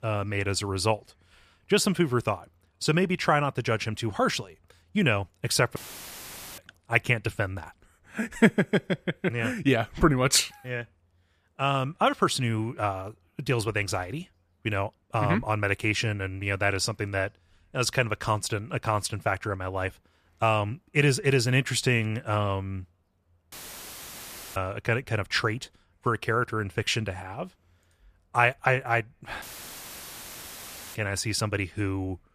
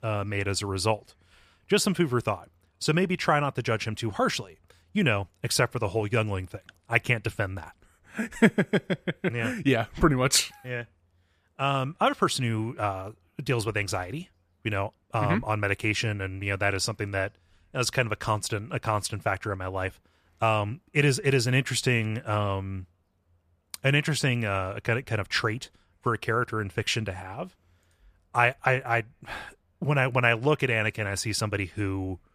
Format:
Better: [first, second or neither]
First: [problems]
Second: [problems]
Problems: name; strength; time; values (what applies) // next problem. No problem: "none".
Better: second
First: audio cutting out; filled with static; at 6 s for 1 s, at 24 s for 1 s and at 29 s for 1.5 s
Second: none